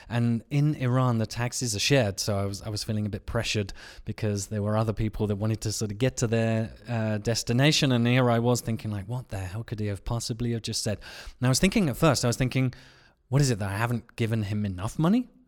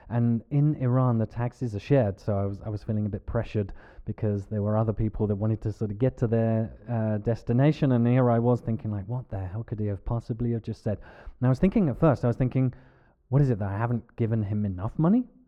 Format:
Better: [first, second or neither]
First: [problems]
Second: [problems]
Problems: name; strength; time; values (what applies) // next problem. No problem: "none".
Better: first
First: none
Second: muffled; very; fading above 2.5 kHz